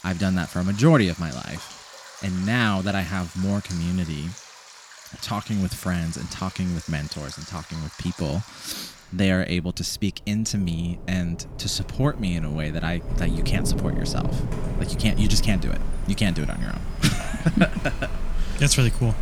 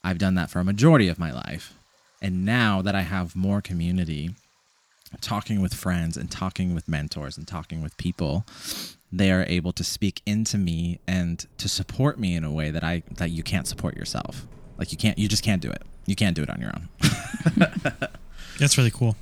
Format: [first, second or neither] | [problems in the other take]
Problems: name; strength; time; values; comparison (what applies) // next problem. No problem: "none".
second | rain or running water; loud; throughout; 9 dB below the speech; faint in the second